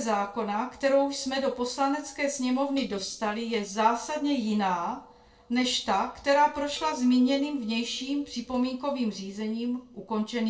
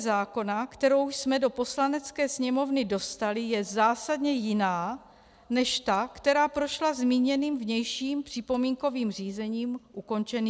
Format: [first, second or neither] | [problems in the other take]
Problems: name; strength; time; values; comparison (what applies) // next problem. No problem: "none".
second | noise reduction (neural separator model SepFormer DNS4)